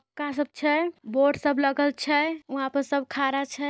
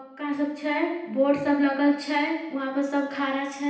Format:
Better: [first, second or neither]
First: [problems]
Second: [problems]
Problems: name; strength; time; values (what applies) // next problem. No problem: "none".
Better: first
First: none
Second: room echo; dies away in 0.9 s